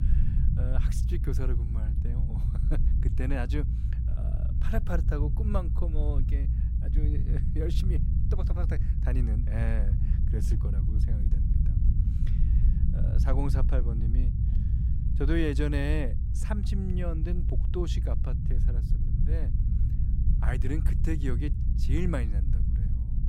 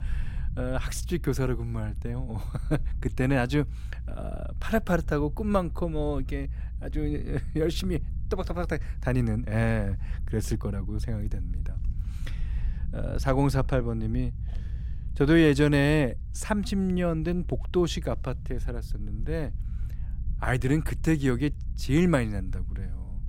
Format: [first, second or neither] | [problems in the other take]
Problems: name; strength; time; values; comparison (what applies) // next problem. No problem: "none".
second | low rumble; loud; throughout; 6 dB below the speech; faint in the second